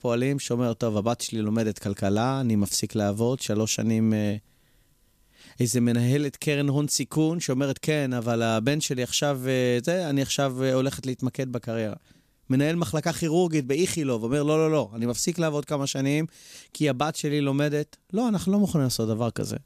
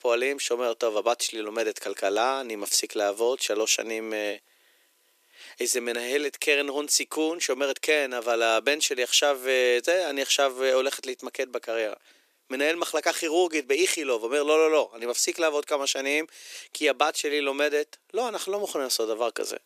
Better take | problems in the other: first | thin; very; fading below 350 Hz

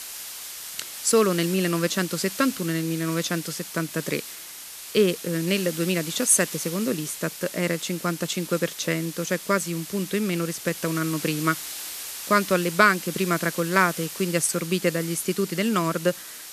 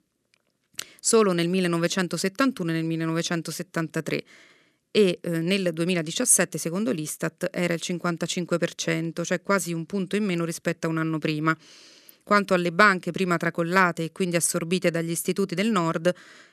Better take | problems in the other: second | hiss; loud; throughout; 10 dB below the speech

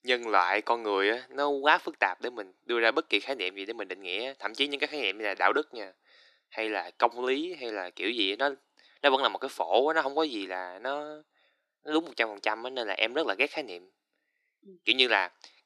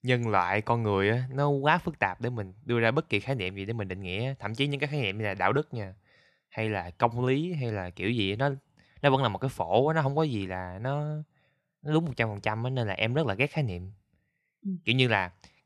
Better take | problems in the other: second | thin; very; fading below 300 Hz

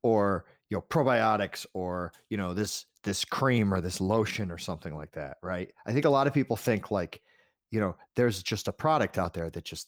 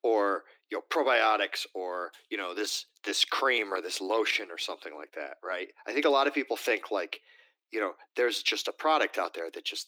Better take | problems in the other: first | thin; somewhat; fading below 300 Hz

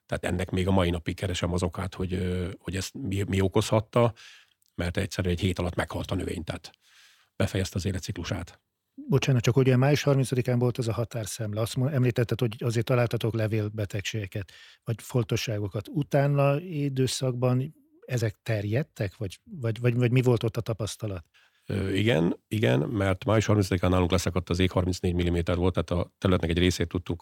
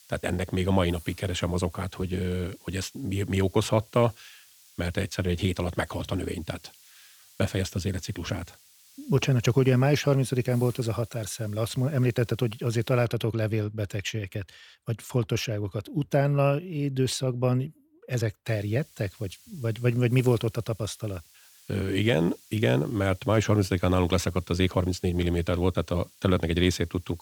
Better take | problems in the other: first | hiss; faint; until 13 s and from 18 s on; 25 dB below the speech

